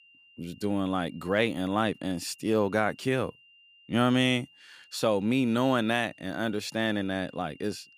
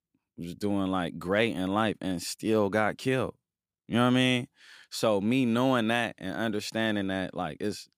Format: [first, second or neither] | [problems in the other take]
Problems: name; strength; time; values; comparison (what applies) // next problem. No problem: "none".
second | high-pitched whine; faint; throughout; 3 kHz, 25 dB below the speech